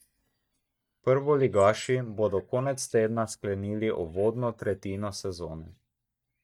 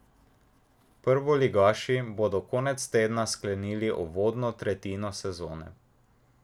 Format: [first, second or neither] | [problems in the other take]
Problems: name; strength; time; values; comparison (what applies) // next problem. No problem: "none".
second | noise reduction (neural mask model DeepFilterNet 3)